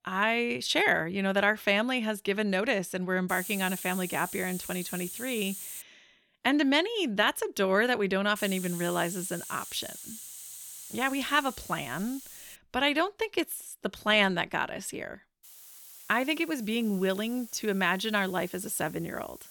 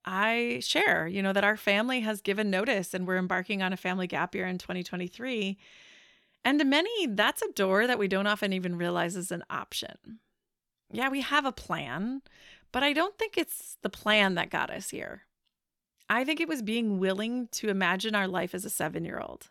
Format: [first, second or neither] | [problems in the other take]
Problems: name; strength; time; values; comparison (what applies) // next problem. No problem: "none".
second | hiss; noticeable; from 3.5 to 6 s, from 8.5 to 13 s and from 15 s on; 10 dB below the speech